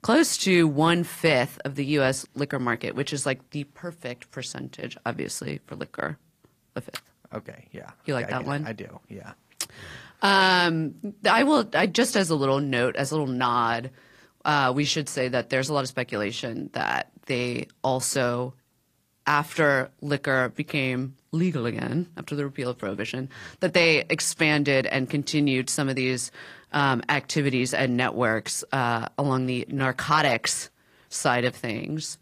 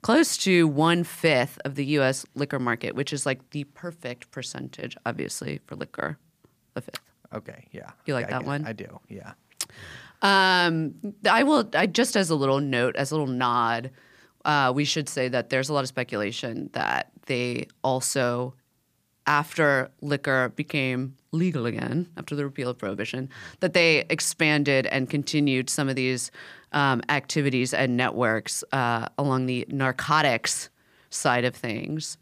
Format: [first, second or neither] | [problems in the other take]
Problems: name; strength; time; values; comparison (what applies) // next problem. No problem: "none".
second | garbled, watery; slightly; nothing above 15 kHz